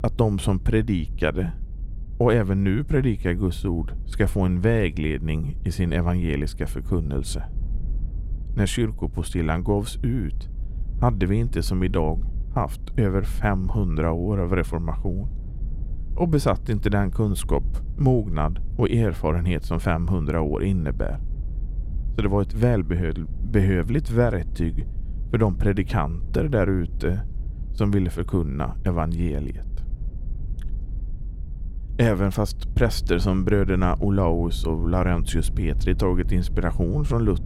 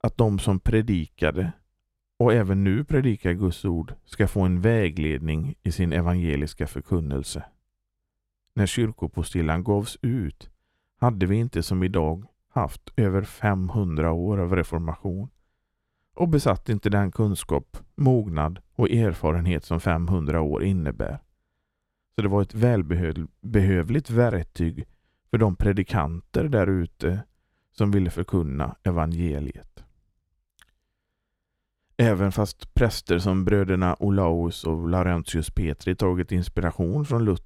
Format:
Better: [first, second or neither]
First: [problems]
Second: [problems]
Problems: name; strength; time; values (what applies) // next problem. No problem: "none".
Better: second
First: low rumble; faint; throughout; 20 dB below the speech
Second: none